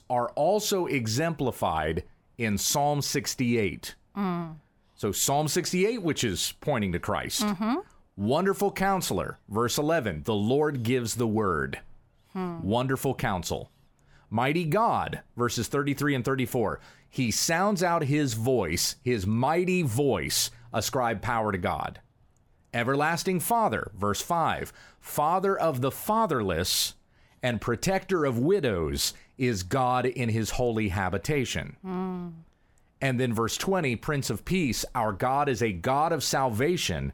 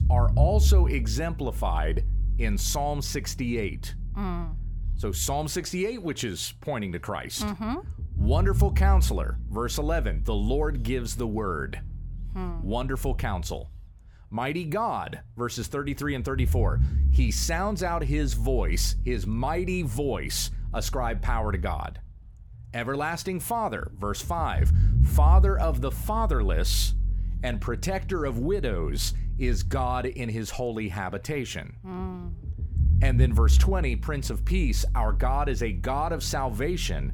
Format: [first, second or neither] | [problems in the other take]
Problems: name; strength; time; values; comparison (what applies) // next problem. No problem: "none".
first | low rumble; noticeable; throughout; 15 dB below the speech